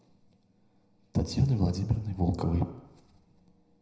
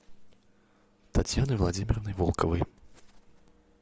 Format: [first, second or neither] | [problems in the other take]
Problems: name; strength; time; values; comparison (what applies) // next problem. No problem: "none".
second | room echo; dies away in 0.6 s